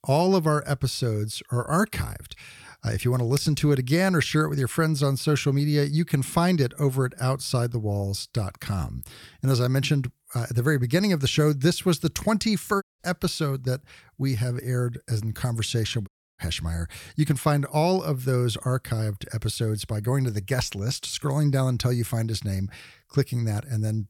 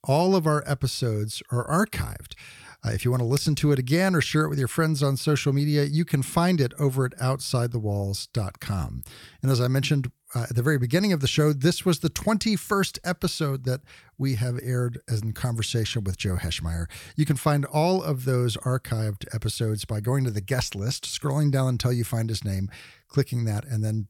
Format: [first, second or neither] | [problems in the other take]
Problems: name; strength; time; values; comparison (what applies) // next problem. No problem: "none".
second | audio cutting out; at 13 s and at 16 s